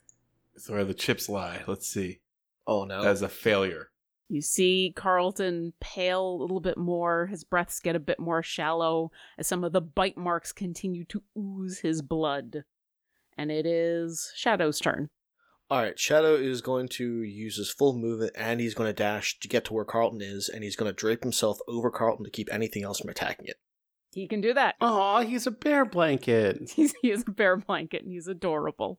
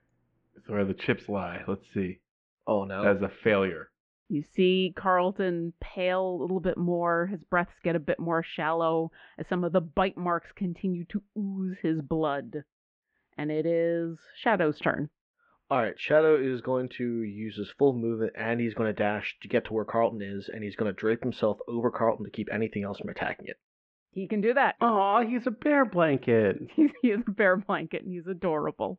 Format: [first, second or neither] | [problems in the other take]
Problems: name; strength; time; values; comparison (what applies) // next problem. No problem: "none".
first | muffled; very; fading above 2.5 kHz